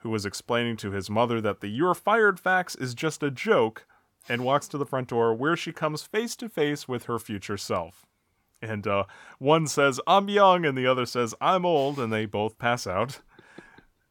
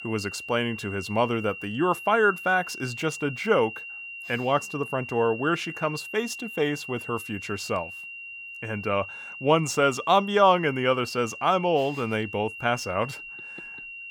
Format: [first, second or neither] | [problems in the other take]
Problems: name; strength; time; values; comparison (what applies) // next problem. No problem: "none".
first | high-pitched whine; noticeable; throughout; 3 kHz, 10 dB below the speech